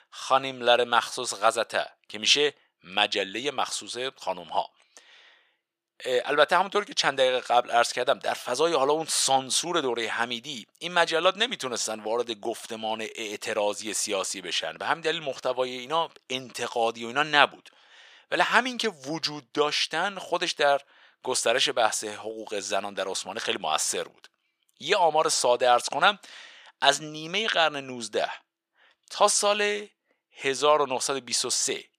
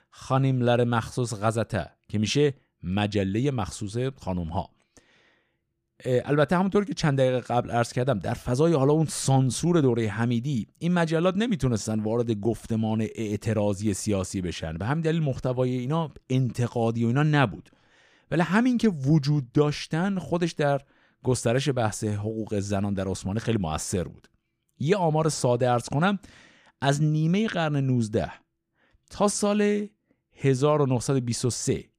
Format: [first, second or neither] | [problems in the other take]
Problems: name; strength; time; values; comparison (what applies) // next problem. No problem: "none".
second | thin; very; fading below 750 Hz